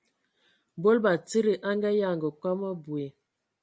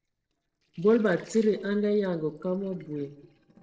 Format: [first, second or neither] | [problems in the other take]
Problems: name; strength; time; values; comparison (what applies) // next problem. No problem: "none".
first | noise reduction (neural separator model SepFormer DNS4)